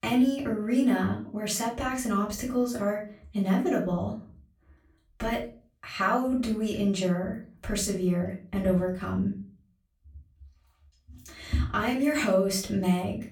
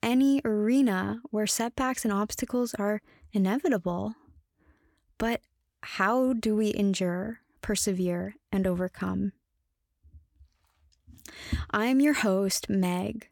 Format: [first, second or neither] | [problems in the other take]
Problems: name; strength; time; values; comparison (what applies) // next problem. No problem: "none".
second | room echo; slight; dies away in 0.4 s // off-mic speech; far